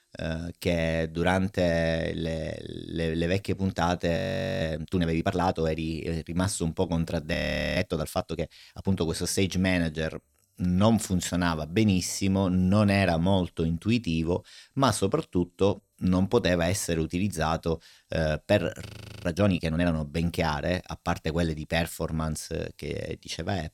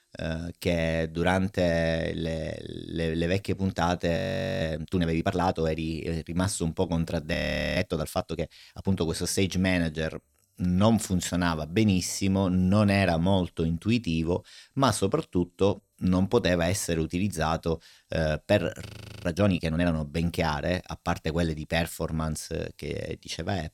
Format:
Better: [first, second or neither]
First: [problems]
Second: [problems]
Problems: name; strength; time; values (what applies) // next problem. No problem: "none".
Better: neither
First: audio freezing; at 4 s, at 7.5 s and at 19 s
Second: audio freezing; at 4 s, at 7.5 s and at 19 s